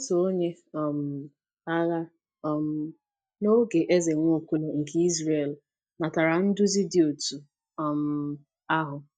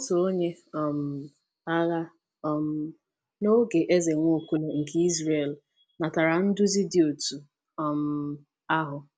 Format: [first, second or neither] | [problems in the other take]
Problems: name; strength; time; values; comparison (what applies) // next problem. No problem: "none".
second | noise reduction (neural mask model DeepFilterNet 3)